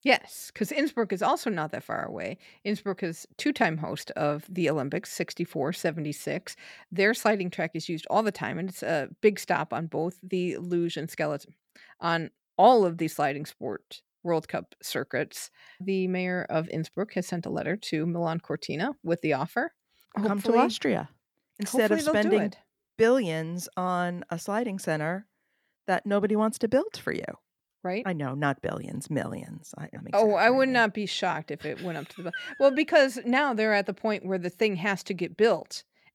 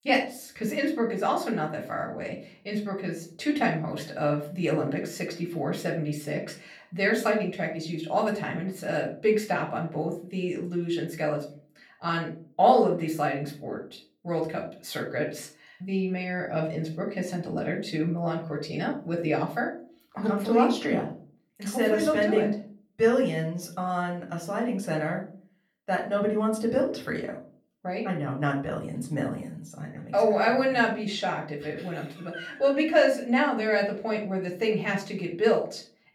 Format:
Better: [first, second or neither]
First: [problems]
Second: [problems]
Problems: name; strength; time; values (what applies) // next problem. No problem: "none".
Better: first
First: none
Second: off-mic speech; far // room echo; slight; dies away in 0.4 s